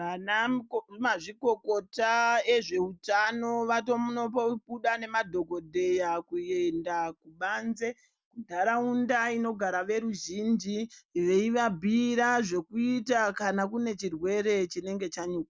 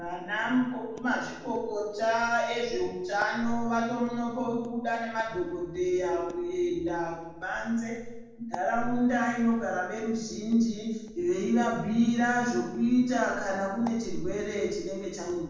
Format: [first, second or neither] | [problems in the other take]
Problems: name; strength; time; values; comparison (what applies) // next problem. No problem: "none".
first | background sound (Walk, footsteps); 14 dB below the speech // room echo; dies away in 1.2 s